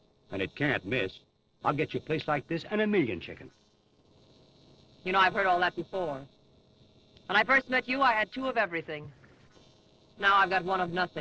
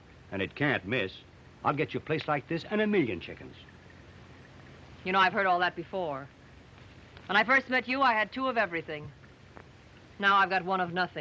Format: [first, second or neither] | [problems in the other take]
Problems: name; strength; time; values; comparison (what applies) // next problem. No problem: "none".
second | noise reduction (neural separator model SepFormer DNS4)